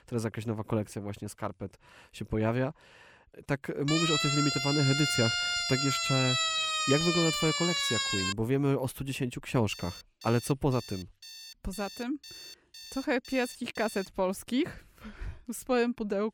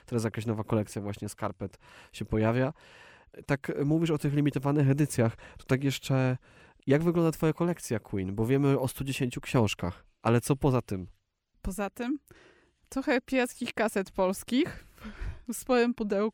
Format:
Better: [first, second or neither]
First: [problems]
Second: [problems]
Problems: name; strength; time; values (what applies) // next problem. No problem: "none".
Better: second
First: siren; loud; from 4 to 8.5 s; peak 5 dB above the speech // alarm; faint; from 9.5 to 14 s; peak 15 dB below the speech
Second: none